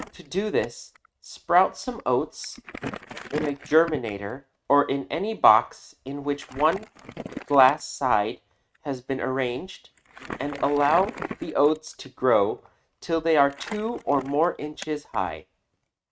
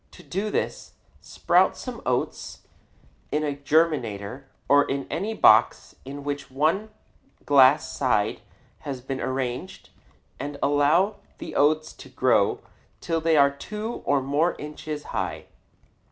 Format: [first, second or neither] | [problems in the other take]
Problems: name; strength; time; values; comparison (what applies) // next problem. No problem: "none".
second | noise reduction (neural mask model RNNoise)